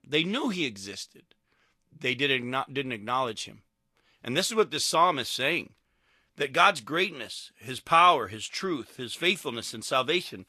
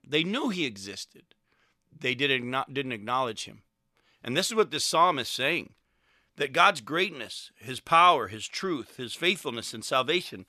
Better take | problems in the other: second | garbled, watery; slightly; nothing above 13.5 kHz

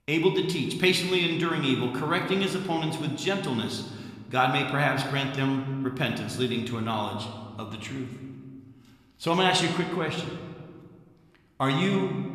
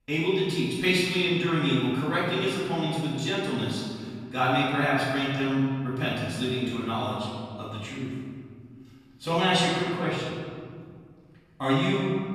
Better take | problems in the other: first | room echo; strong; dies away in 1.9 s; slight in the first // off-mic speech; far

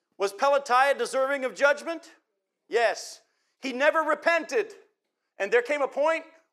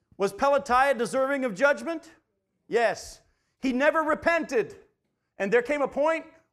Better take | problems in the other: second | thin; somewhat; fading below 350 Hz

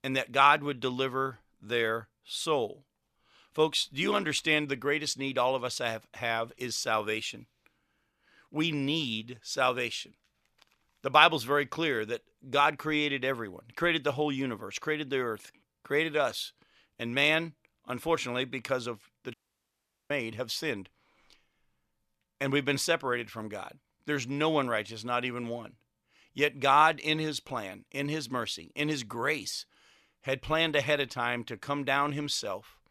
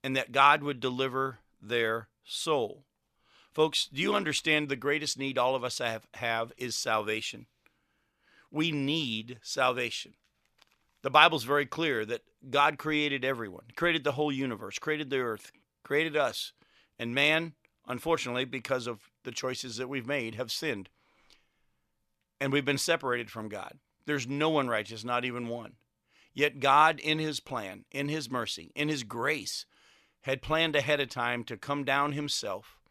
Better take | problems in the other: second | audio cutting out; at 19 s for 1 s

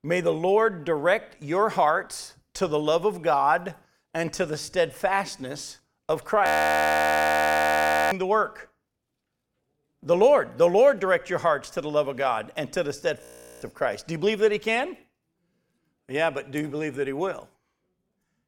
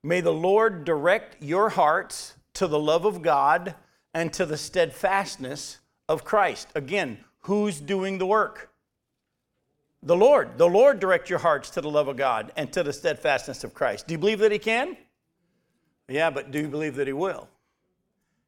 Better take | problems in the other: second | audio freezing; at 6.5 s for 1.5 s and at 13 s

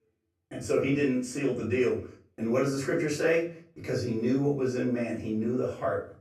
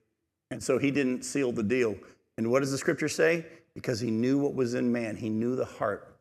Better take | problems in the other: second | off-mic speech; far // room echo; slight; dies away in 0.3 s

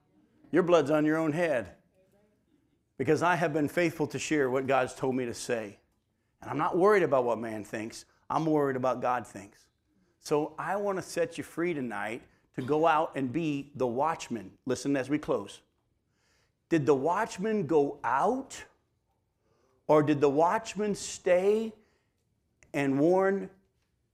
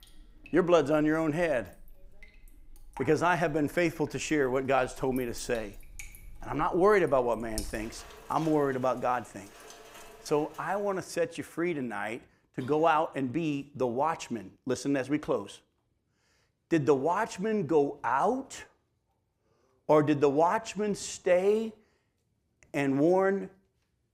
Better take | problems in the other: first | rain or running water; faint; until 11 s; 20 dB below the speech

